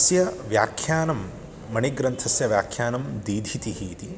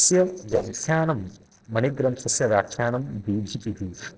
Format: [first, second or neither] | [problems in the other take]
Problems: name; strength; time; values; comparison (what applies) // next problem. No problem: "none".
first | noise reduction (neural separator model SepFormer DNS4)